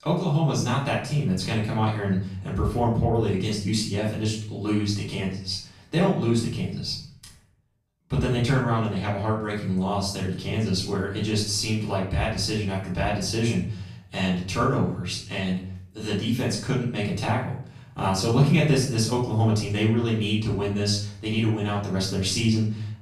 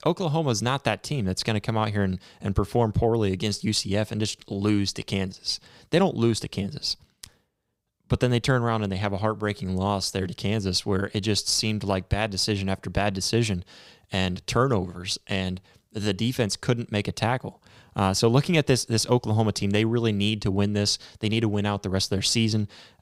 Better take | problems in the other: second | off-mic speech; far // room echo; noticeable; dies away in 0.5 s

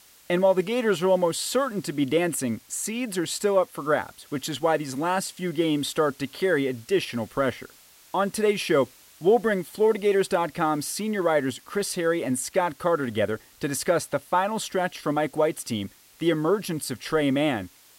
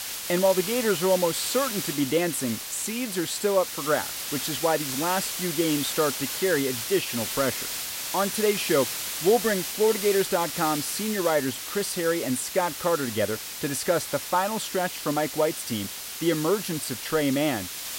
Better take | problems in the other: first | hiss; loud; throughout; 4 dB below the speech; faint in the first

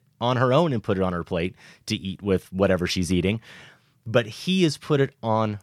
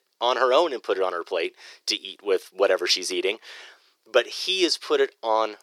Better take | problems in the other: first | thin; very; fading below 350 Hz

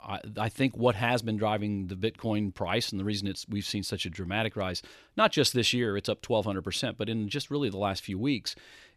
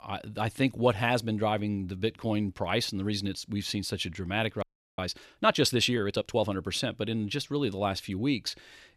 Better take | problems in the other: first | audio freezing; at 4.5 s

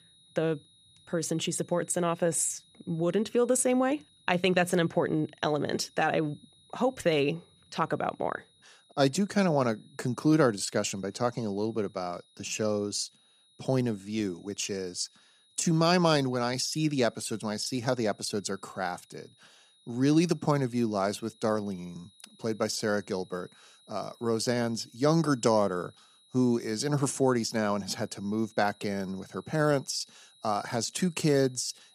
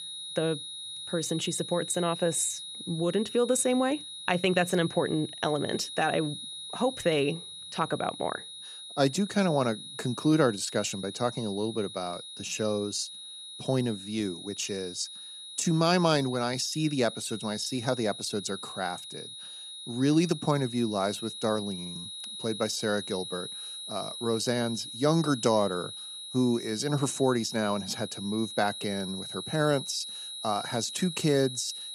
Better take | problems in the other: first | high-pitched whine; loud; throughout; 4 kHz, 9 dB below the speech; faint in the first

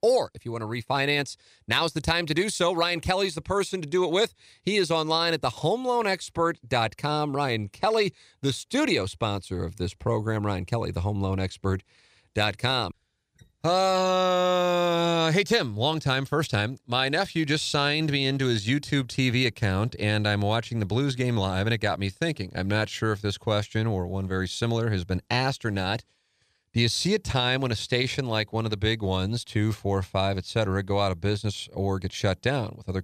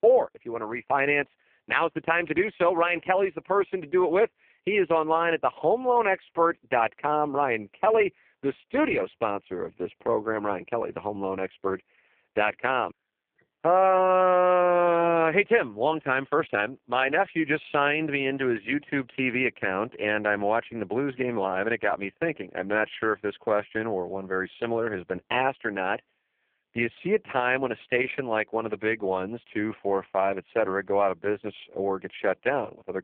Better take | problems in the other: first | phone-call audio; poor line

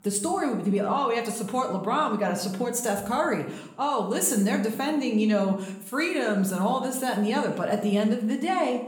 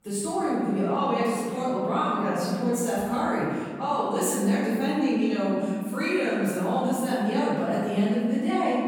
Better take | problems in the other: first | room echo; strong; dies away in 2 s; slight in the first // off-mic speech; far; somewhat distant in the first

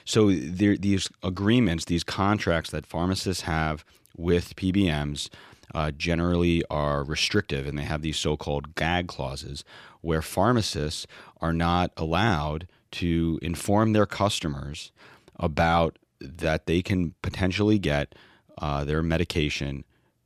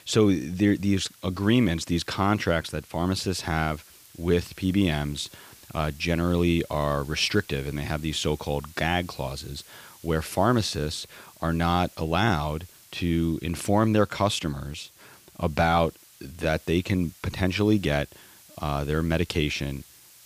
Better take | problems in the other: first | hiss; faint; throughout; 25 dB below the speech

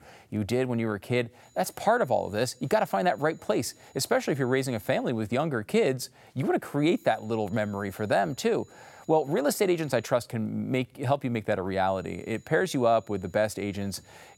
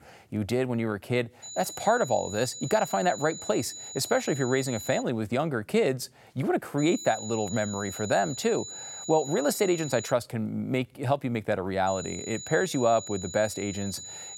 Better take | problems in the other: first | high-pitched whine; loud; from 1.5 to 5 s, from 7 to 10 s and from 12 s on; 7 kHz, 10 dB below the speech; faint in the first

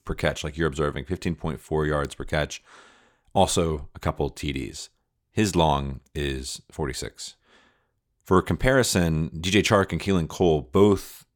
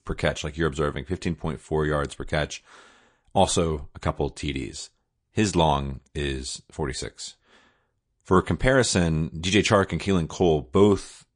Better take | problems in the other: first | garbled, watery; slightly; nothing above 9 kHz

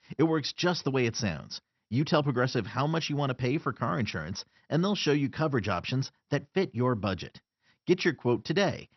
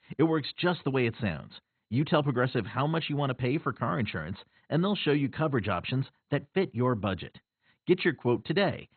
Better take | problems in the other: first | garbled, watery; badly; nothing above 4 kHz; slightly in the first

